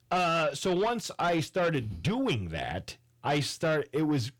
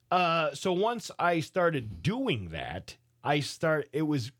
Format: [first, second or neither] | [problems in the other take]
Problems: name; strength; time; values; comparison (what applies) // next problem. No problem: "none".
second | distortion; slight; 10 dB below the speech